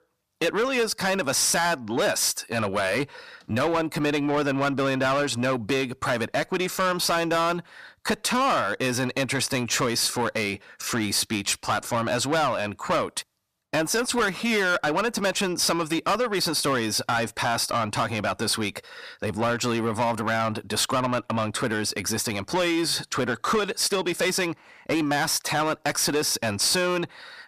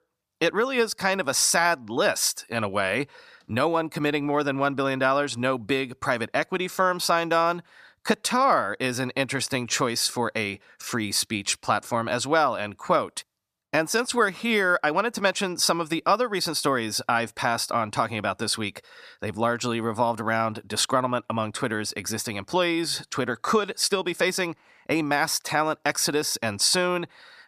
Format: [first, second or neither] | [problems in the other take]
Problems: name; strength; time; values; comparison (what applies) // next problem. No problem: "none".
second | distortion; heavy; 8 dB below the speech